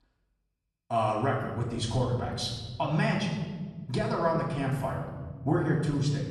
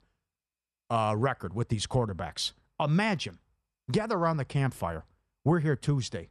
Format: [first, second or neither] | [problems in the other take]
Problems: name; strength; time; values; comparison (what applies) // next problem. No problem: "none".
second | off-mic speech; far // room echo; noticeable; dies away in 1.5 s